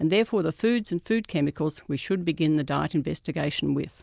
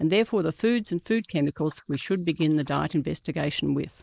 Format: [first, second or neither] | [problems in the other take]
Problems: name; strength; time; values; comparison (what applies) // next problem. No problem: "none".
first | noise reduction (neural mask model Resemble Enhance denoiser)